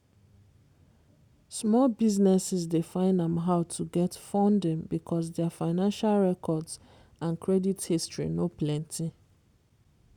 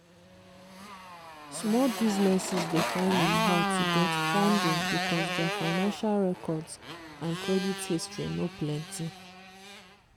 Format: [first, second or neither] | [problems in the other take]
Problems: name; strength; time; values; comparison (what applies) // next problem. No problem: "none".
first | background sound (Motorcycle); 2 dB below the speech